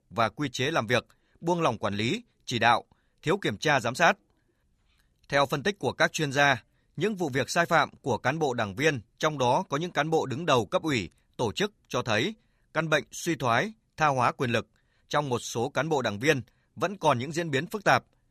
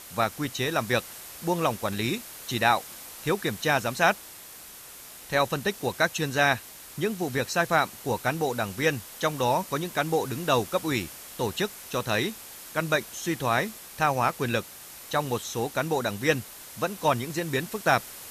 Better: first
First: none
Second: hiss; noticeable; throughout; 15 dB below the speech

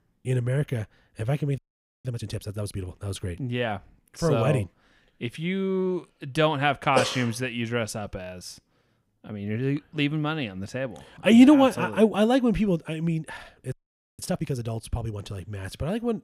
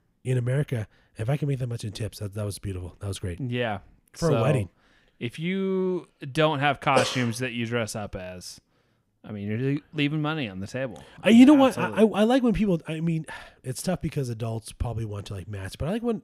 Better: second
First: audio freezing; at 1.5 s and at 14 s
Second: none

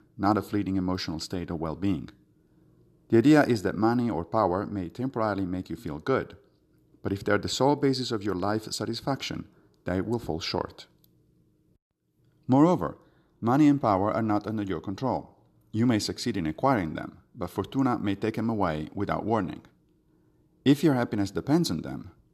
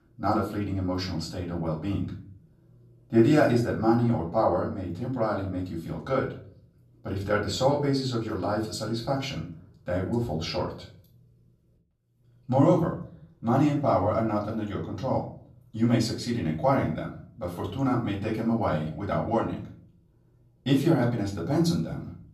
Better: first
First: none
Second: off-mic speech; far // room echo; slight; dies away in 0.5 s

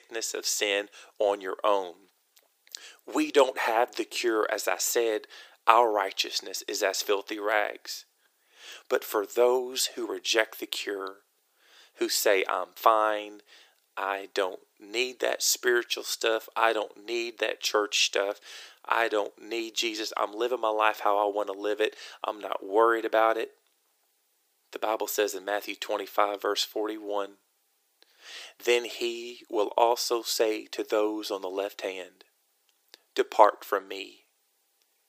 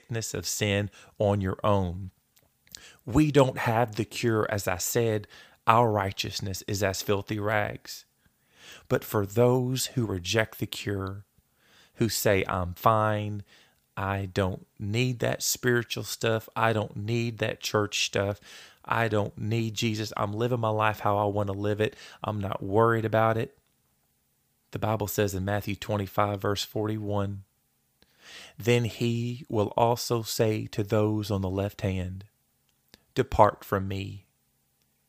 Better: second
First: thin; very; fading below 350 Hz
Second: none

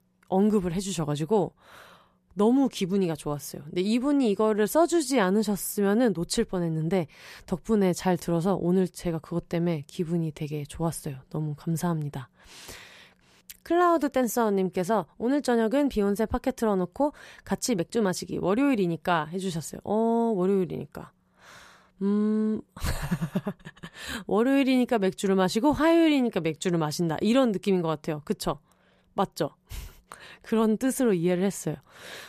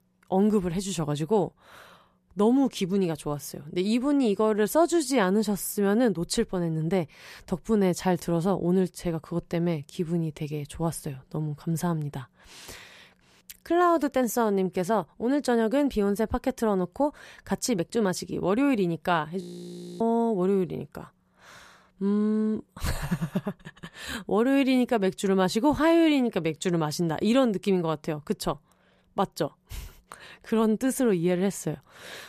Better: first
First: none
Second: audio freezing; at 19 s for 0.5 s

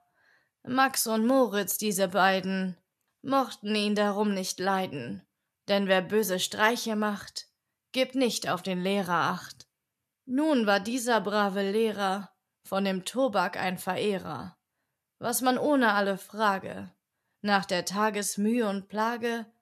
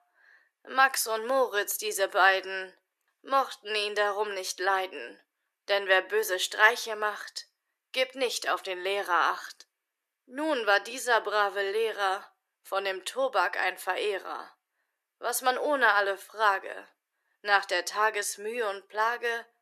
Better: first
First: none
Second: thin; very; fading below 350 Hz

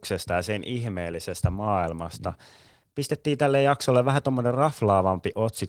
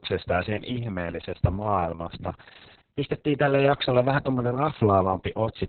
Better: first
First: garbled, watery; slightly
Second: garbled, watery; badly; nothing above 4 kHz

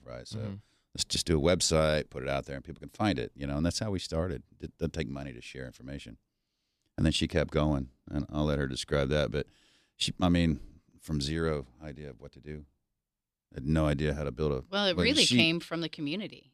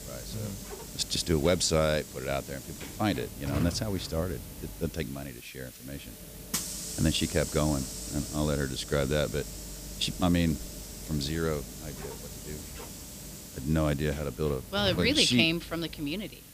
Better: first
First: none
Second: hiss; noticeable; throughout; 10 dB below the speech

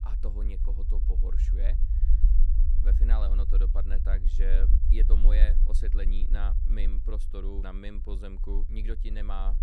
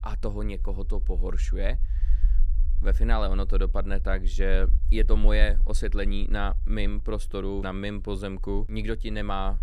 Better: second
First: low rumble; loud; throughout; 7 dB below the speech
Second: low rumble; faint; throughout; 20 dB below the speech

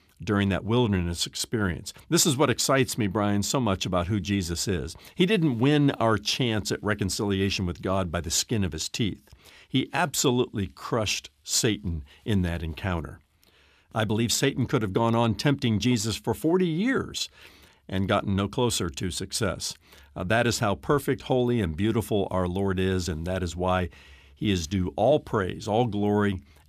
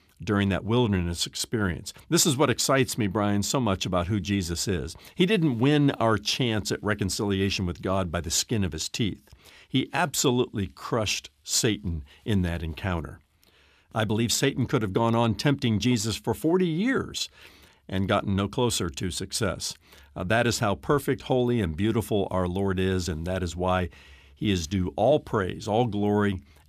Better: neither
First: none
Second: none

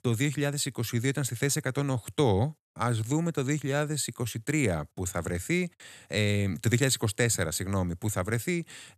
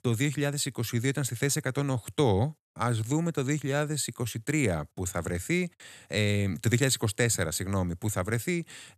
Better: neither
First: none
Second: none

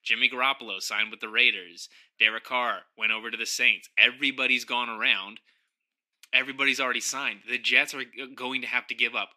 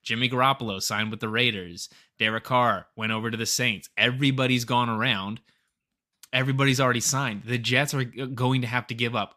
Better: second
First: thin; somewhat; fading below 300 Hz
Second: none

